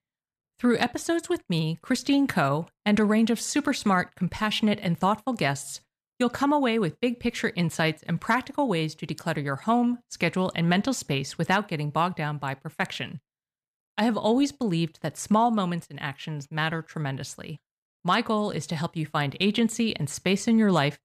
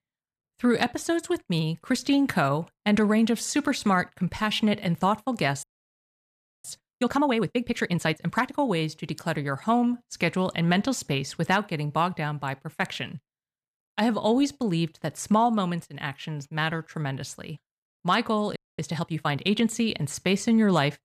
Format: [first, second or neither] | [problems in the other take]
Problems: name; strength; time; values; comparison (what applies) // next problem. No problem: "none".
first | audio freezing; at 5.5 s for 1 s and at 19 s